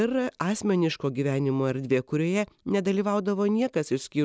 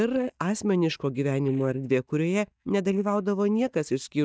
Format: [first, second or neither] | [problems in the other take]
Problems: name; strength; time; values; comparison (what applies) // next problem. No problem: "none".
first | noise reduction (neural mask model DeepFilterNet 3)